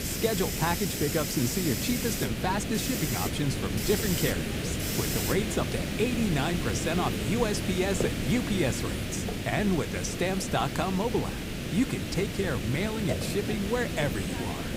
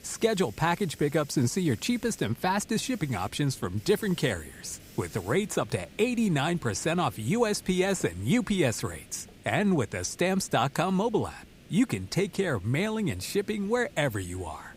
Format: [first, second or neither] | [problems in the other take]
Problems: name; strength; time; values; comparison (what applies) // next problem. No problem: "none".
second | hiss; loud; throughout; 1 dB below the speech; faint in the second